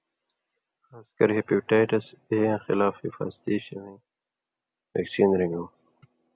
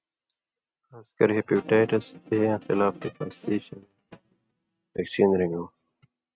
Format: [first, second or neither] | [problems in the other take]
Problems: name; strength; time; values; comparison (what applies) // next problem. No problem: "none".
first | noise reduction (neural mask model RNNoise)